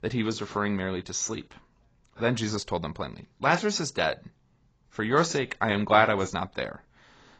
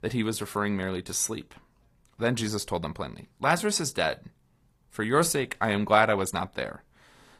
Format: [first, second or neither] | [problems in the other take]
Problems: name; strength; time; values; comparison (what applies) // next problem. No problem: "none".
second | garbled, watery; badly; slightly in the second